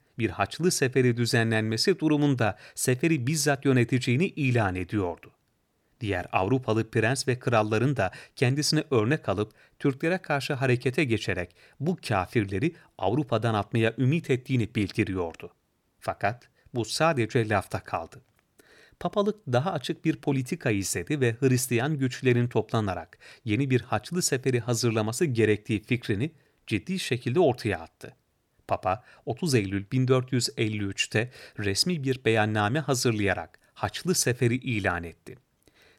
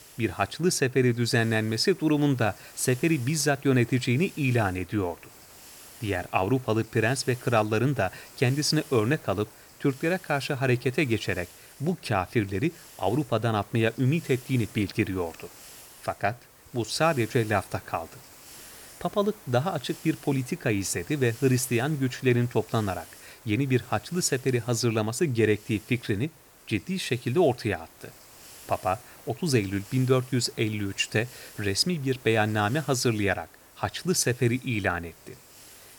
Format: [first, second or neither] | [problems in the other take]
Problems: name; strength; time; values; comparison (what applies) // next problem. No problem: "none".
first | hiss; faint; throughout; 20 dB below the speech